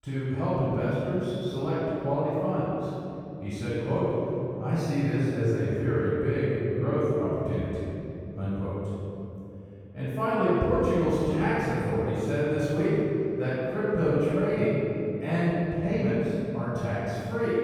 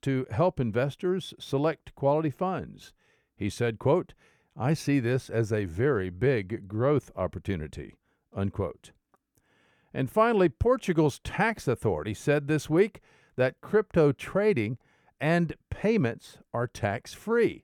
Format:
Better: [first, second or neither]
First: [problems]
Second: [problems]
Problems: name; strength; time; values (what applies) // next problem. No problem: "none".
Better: second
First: off-mic speech; far // room echo; strong; dies away in 3 s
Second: none